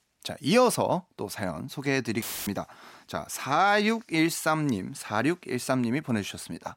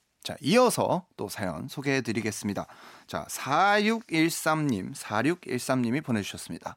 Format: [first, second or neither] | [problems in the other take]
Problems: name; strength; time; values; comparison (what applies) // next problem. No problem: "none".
second | audio cutting out; filled with static; at 2 s